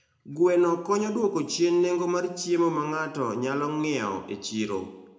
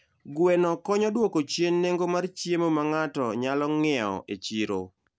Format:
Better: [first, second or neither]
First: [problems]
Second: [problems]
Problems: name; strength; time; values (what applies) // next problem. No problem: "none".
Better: second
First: room echo; dies away in 0.6 s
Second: none